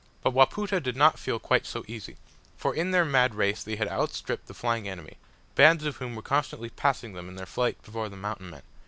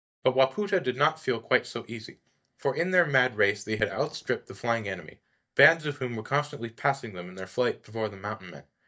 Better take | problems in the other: first | noise reduction (neural mask model DeepFilterNet 3)

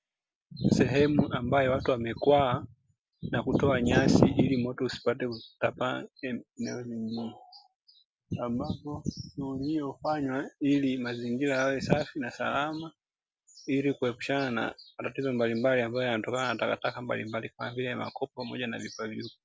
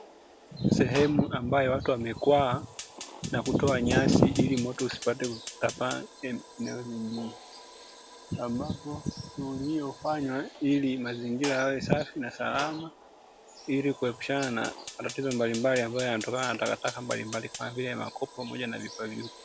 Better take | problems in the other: first | background sound (Fire); 16 dB below the speech

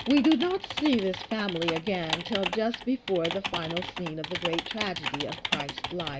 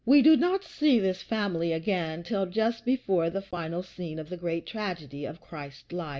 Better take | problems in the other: second | background sound (Typing); 6 dB below the speech

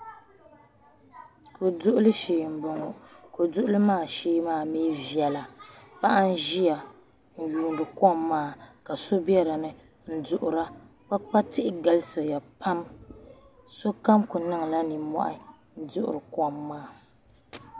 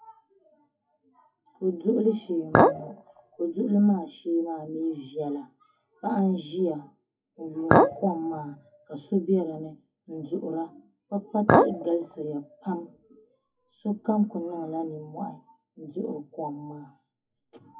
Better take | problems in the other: first | noise reduction (classical method WPE with log-MMSE)

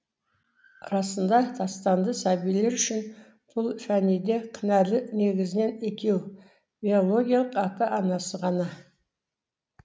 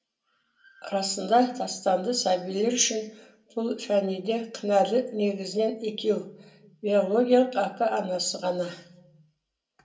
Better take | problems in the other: first | room echo; dies away in 0.2 s

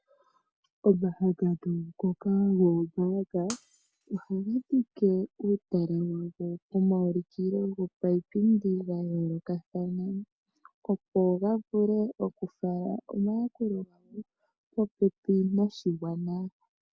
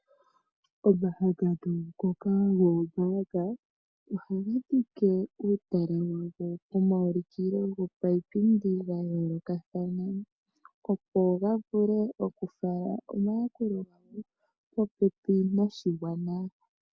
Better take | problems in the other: second | background sound (Shatter); 19 dB below the speech

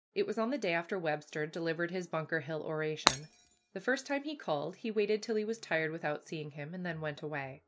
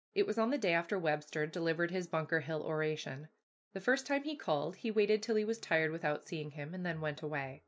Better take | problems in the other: second | background sound (Shatter); 2 dB above the speech

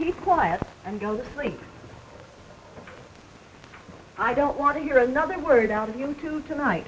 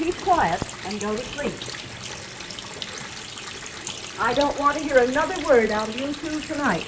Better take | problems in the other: first | background sound (Water tap, faucet); 11 dB below the speech

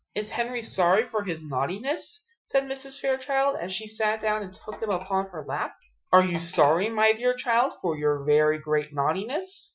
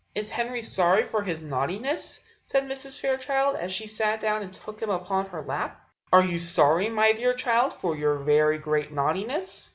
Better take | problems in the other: second | noise reduction (classical method Wiener filter)

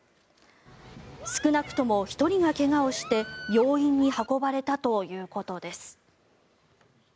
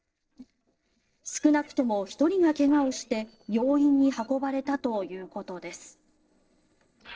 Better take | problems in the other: first | noise reduction (neural separator model SepFormer DNS4)

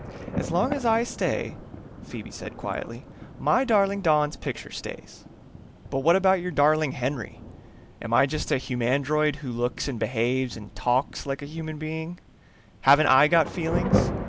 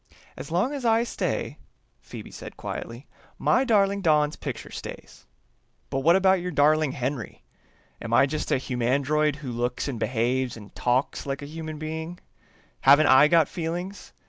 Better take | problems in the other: second | background sound (Thunder / Rain); 9 dB below the speech

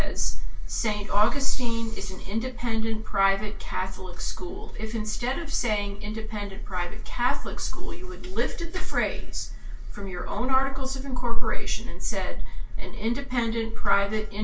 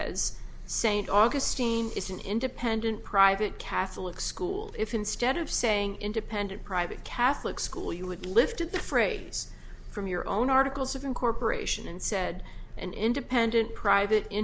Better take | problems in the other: second | room echo; dies away in 0.2 s

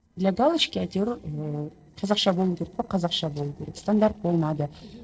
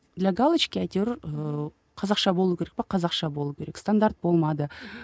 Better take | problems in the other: second | noise reduction (neural separator model SepFormer DNS4)

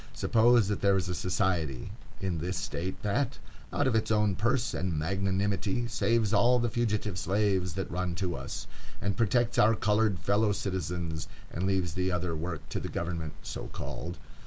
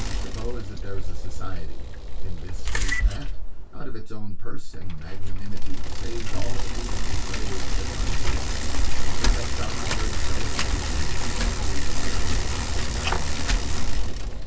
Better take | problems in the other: first | background sound (Bicycle); 8 dB below the speech // room echo; dies away in 0.2 s

